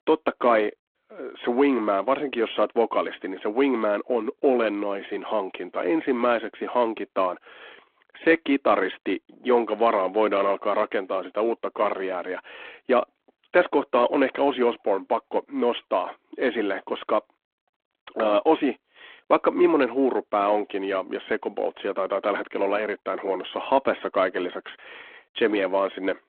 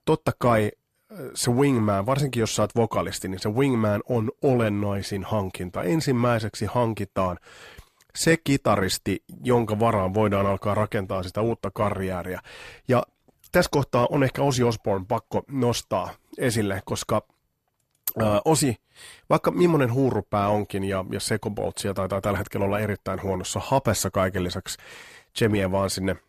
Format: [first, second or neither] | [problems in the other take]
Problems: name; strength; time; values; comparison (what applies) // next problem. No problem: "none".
second | phone-call audio